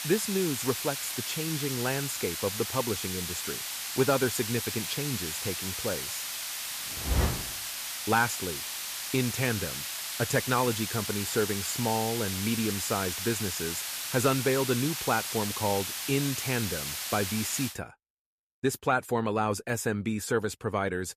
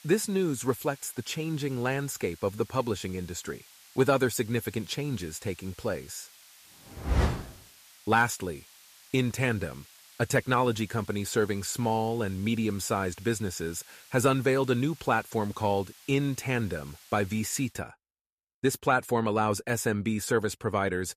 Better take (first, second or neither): second